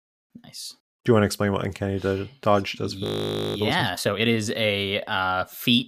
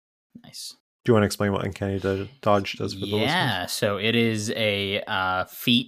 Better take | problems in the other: second | audio freezing; at 3 s for 0.5 s

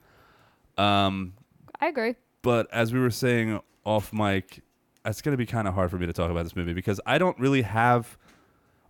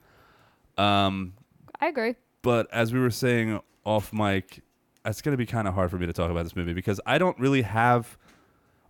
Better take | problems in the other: neither | none

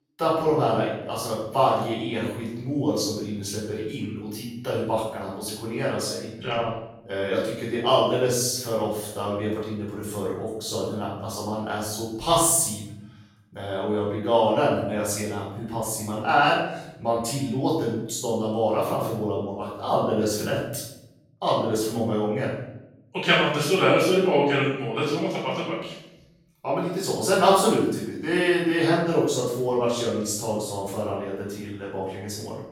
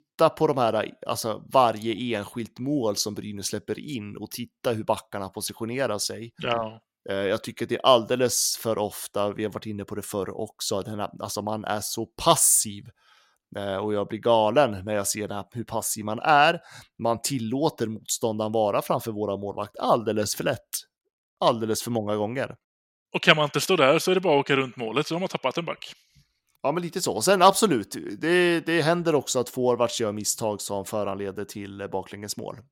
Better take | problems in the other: second | off-mic speech; far // room echo; noticeable; dies away in 0.7 s

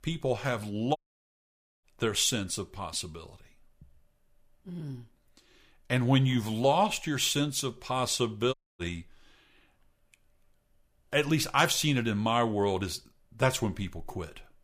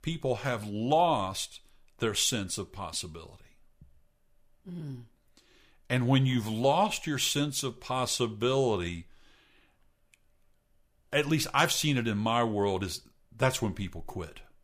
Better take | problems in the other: second | audio cutting out; at 1 s for 1 s and at 8.5 s

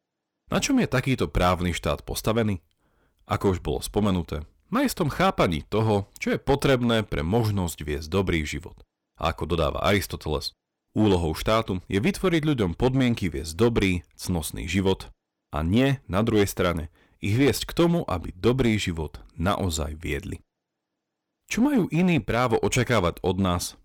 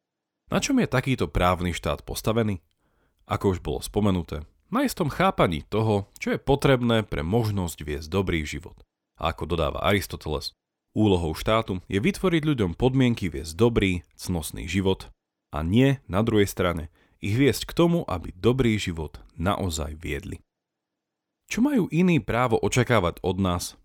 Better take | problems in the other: second | distortion; slight; 5% of the sound clipped

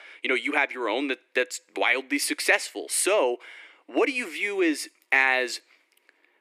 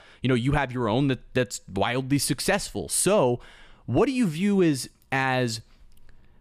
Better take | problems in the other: second | thin; somewhat; fading below 300 Hz

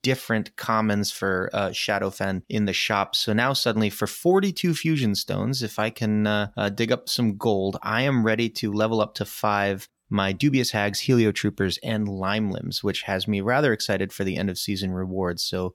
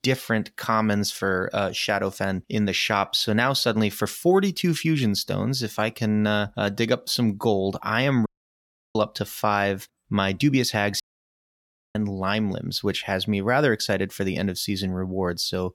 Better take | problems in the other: first | audio cutting out; at 8.5 s for 0.5 s and at 11 s for 1 s

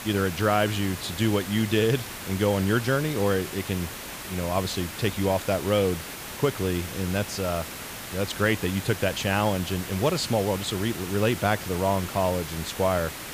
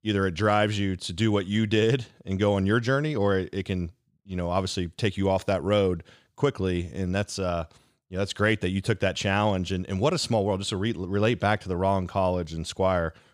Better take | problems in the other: second | hiss; loud; throughout; 9 dB below the speech

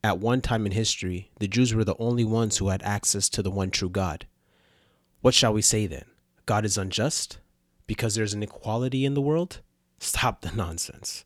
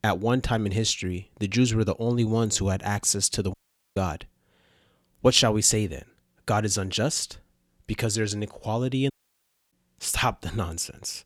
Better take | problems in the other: first | audio cutting out; at 3.5 s and at 9 s for 0.5 s

